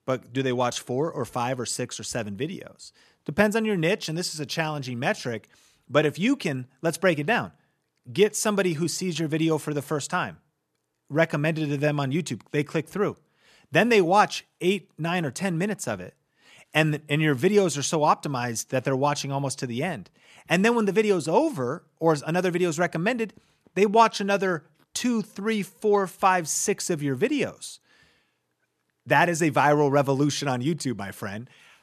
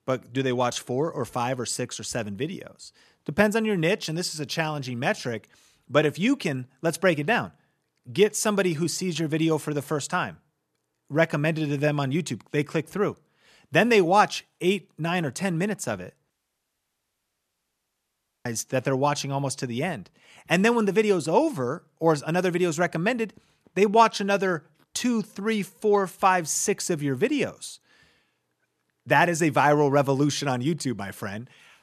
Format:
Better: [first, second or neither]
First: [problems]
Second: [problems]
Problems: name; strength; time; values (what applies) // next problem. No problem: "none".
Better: first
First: none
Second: audio cutting out; at 16 s for 2 s